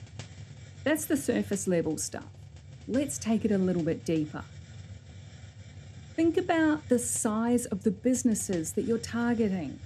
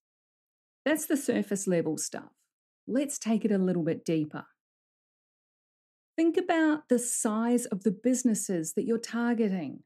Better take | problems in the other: second | hiss; noticeable; throughout; 20 dB below the speech

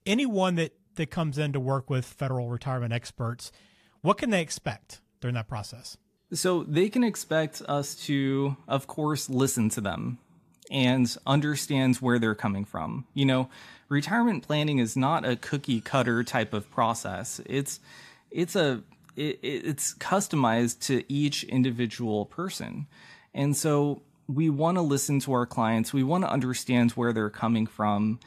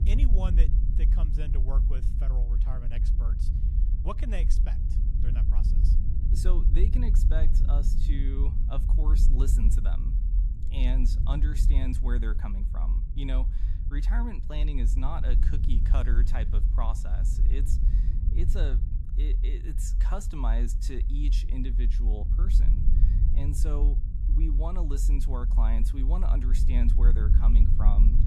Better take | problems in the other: first | low rumble; loud; throughout; 5 dB below the speech

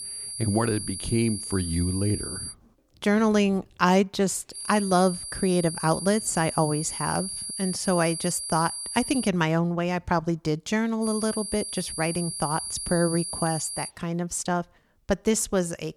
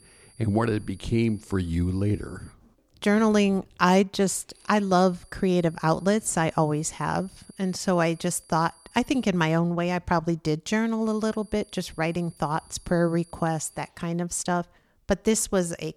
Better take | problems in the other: second | high-pitched whine; loud; until 2.5 s, from 4.5 to 9.5 s and from 11 to 14 s; 10.5 kHz, 6 dB below the speech; faint in the second

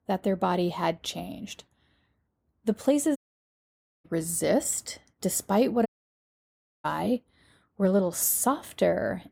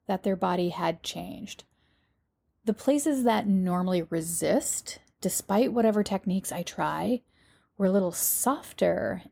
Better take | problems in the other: second | audio cutting out; at 3 s for 1 s and at 6 s for 1 s

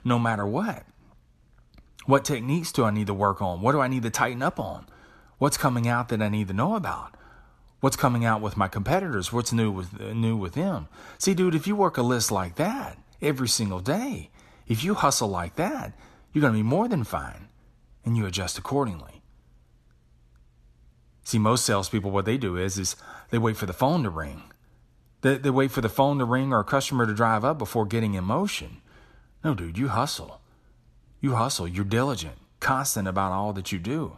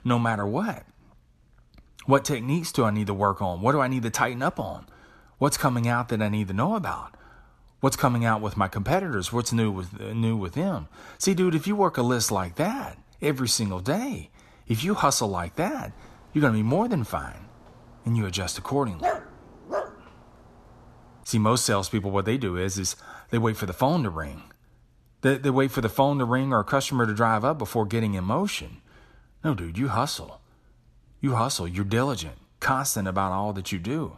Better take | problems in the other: first | dog barking; noticeable; at 19 s; peak 3 dB below the speech

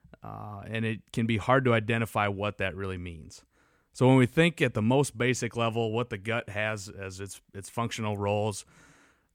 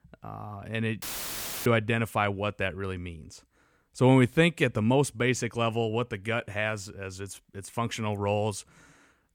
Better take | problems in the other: first | audio cutting out; filled with static; at 1 s for 0.5 s

